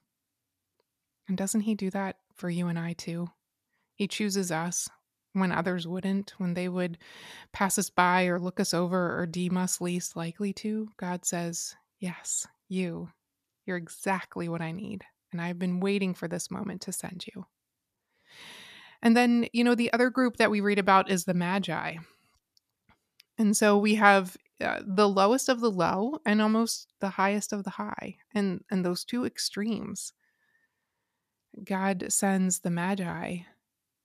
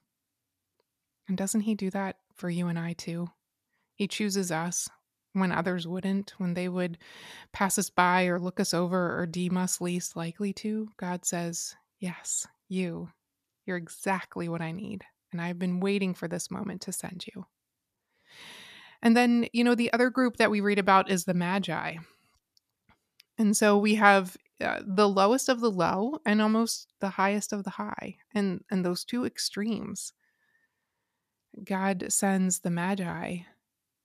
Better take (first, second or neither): neither